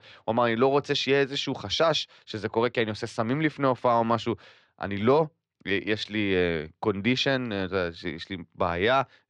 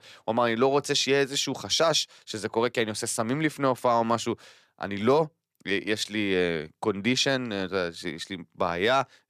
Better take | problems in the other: second | muffled; very slightly; fading above 4 kHz

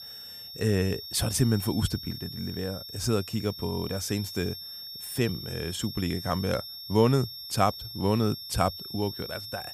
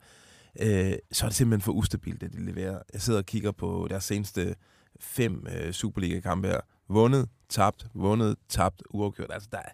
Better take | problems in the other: second | high-pitched whine; loud; throughout; 5.5 kHz, 9 dB below the speech

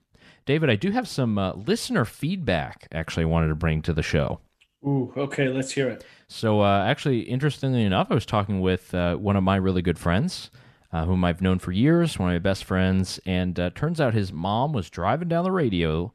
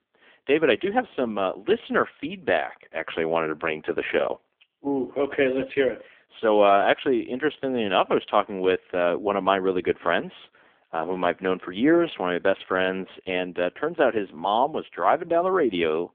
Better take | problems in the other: first | phone-call audio; poor line; nothing above 3.5 kHz

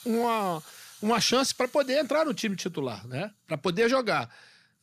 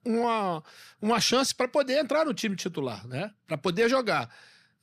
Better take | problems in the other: second | hiss; faint; throughout; 20 dB below the speech

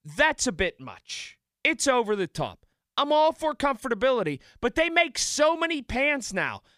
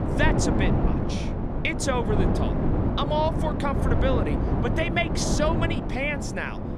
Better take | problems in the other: first | wind noise on the microphone; heavy; 4 dB below the speech

